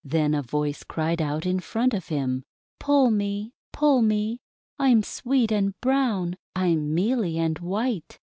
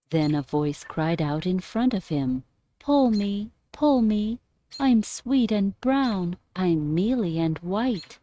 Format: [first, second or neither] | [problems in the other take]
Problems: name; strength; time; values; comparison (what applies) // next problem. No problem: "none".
first | noise reduction (neural mask model RNNoise)